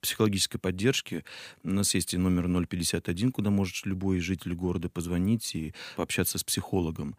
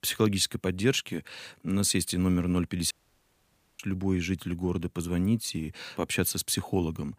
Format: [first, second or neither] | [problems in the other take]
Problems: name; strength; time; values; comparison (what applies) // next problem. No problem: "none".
first | audio cutting out; at 3 s for 1 s